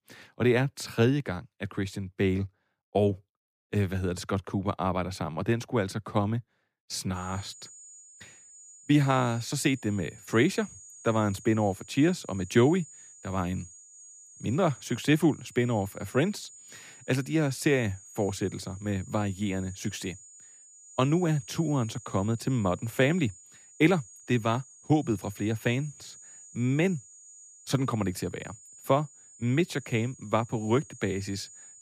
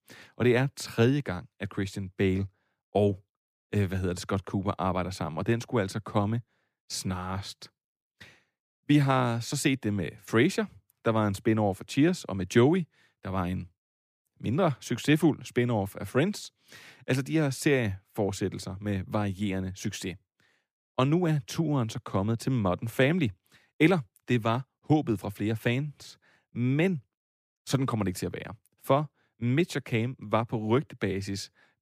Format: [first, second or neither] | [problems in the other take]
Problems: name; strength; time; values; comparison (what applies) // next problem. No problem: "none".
second | high-pitched whine; noticeable; from 7 s on; 7 kHz, 20 dB below the speech